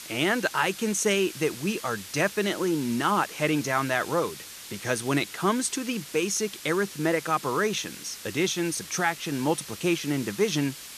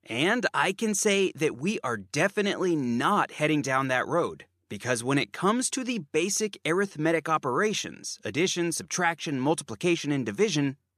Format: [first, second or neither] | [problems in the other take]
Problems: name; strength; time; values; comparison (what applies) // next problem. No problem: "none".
second | hiss; noticeable; throughout; 15 dB below the speech